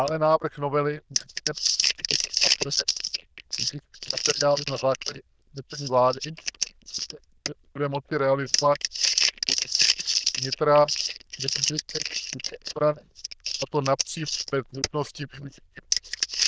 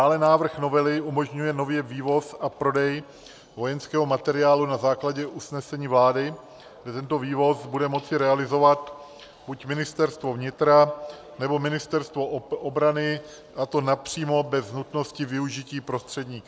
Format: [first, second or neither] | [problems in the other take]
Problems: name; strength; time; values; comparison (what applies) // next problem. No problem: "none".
second | noise reduction (neural diffusion model UNIVERSE++)